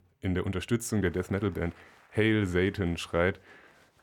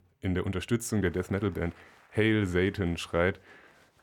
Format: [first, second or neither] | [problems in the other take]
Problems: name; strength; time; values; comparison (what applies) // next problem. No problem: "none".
neither | crowd noise; faint; from 1 s on; 30 dB below the speech; the same in both